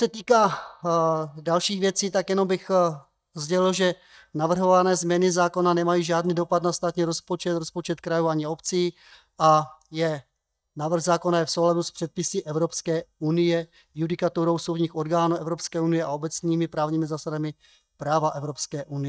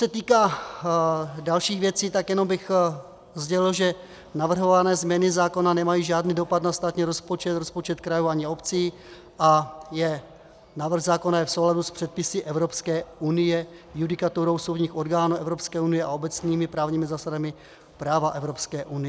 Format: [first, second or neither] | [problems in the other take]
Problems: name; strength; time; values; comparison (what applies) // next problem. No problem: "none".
second | noise reduction (neural mask model DeepFilterNet 3)